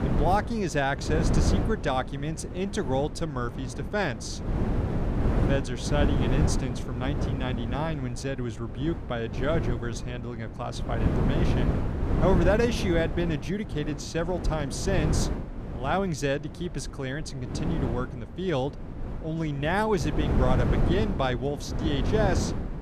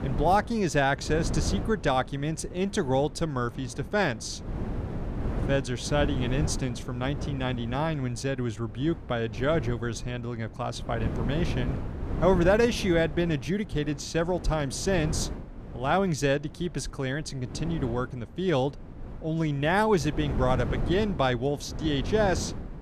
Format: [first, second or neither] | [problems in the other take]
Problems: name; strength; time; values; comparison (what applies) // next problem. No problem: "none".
second | wind noise on the microphone; heavy; 6 dB below the speech; occasional gusts in the second